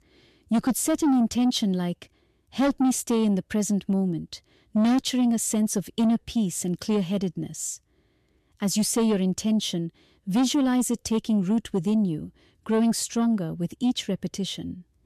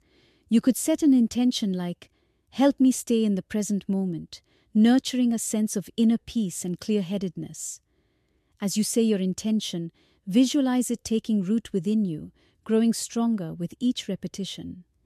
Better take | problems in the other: second | distortion; slight; 10 dB below the speech

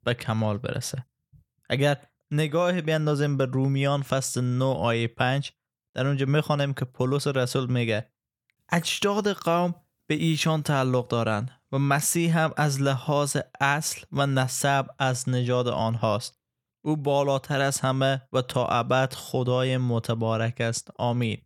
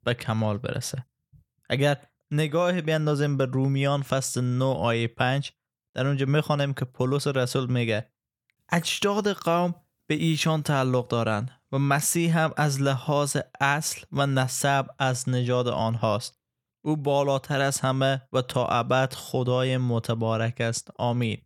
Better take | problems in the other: neither | none

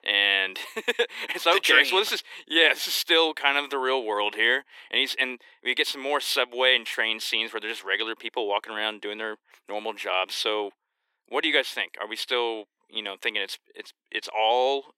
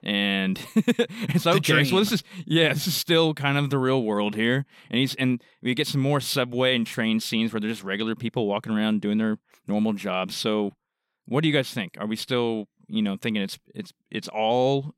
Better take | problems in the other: second | thin; very; fading below 350 Hz

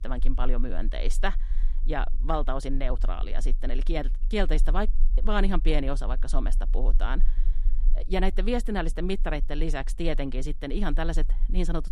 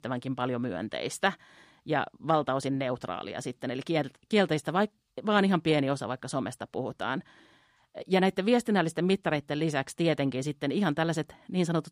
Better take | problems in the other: second | low rumble; faint; throughout; 25 dB below the speech

